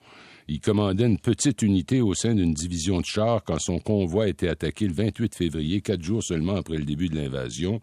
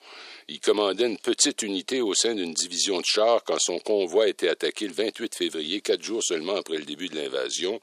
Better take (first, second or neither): first